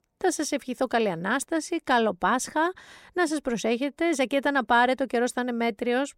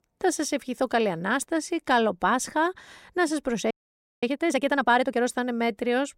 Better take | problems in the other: first | audio freezing; at 3.5 s for 0.5 s

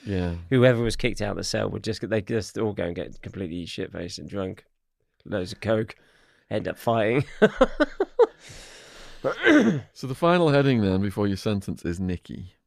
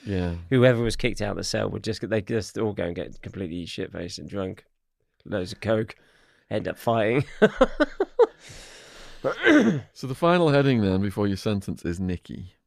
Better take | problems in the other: neither | none

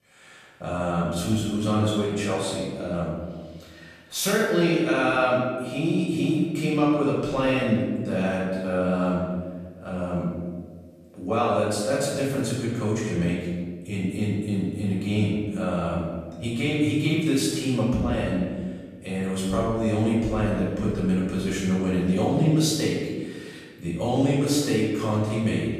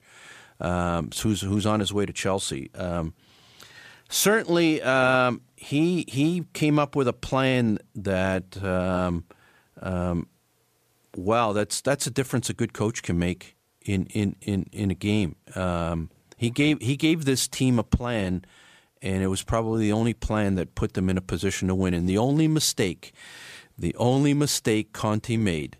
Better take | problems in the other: second | room echo; noticeable; dies away in 1.3 s // off-mic speech; far

